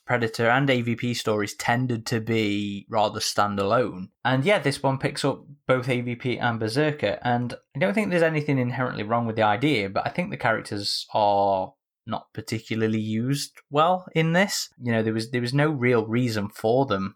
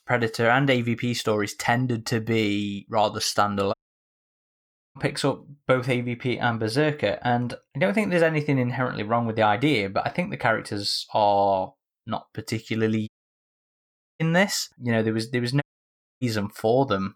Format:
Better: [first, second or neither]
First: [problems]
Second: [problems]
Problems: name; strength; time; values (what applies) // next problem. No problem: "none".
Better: first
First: none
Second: audio cutting out; at 3.5 s for 1 s, at 13 s for 1 s and at 16 s for 0.5 s